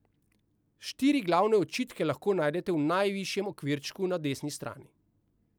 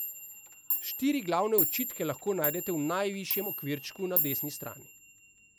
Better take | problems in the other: first | background sound (Clock); 2 dB below the speech

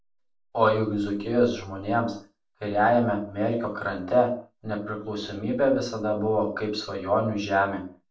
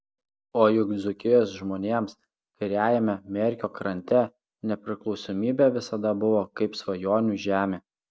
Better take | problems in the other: second | room echo; dies away in 0.4 s

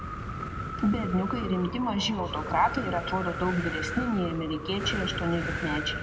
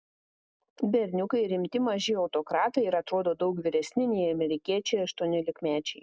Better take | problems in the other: second | background sound (Wind); 4 dB below the speech // room echo; dies away in 1.5 s

